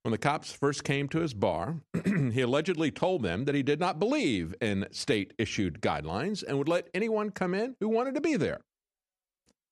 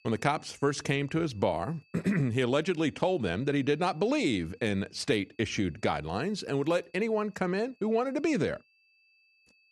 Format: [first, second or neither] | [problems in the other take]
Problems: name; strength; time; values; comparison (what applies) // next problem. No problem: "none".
first | high-pitched whine; faint; throughout; 2.5 kHz, 35 dB below the speech